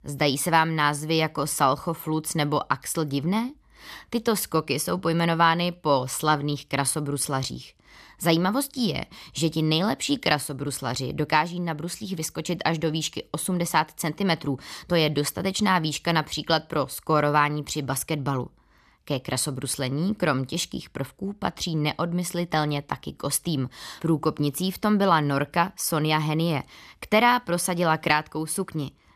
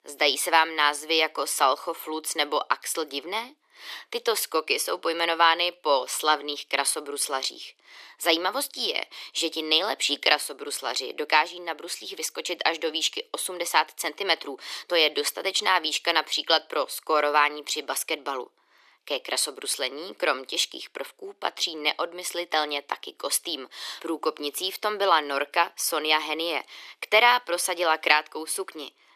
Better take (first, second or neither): first